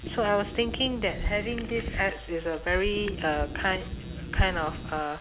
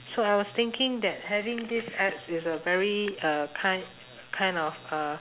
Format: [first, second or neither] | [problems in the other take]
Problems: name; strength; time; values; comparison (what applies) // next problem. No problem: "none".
second | background sound (Wind instrument, woodwind instrument + Hands); 5 dB below the speech